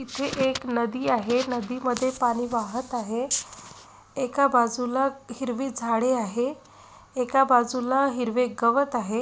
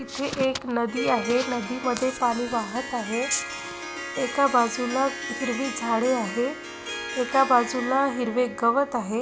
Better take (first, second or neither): first